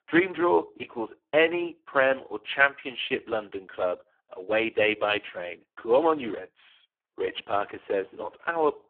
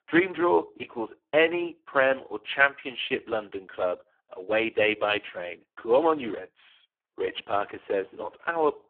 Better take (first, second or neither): neither